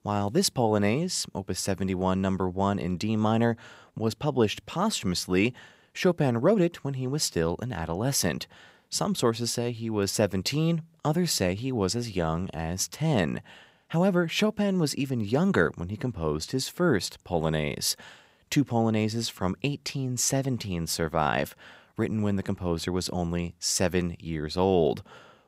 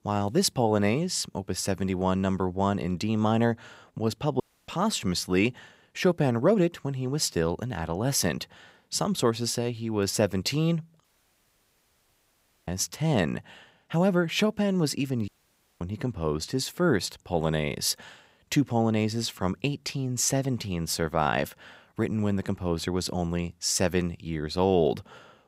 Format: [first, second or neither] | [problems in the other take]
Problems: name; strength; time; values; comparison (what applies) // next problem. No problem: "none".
first | audio cutting out; at 4.5 s, at 11 s for 1.5 s and at 15 s for 0.5 s